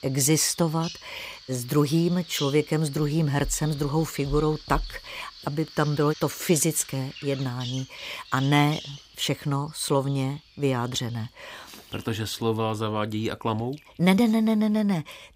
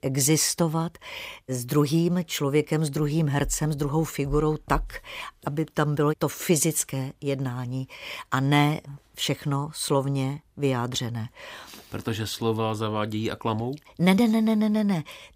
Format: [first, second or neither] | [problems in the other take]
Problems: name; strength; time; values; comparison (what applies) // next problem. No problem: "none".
second | animal sounds; noticeable; throughout; 15 dB below the speech